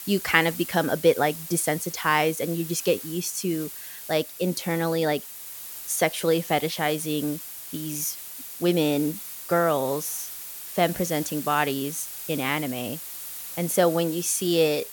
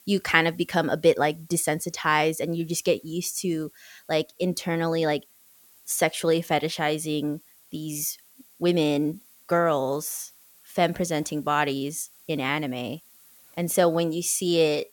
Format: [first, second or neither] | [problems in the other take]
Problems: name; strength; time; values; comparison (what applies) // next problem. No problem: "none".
second | hiss; loud; throughout; 10 dB below the speech; faint in the second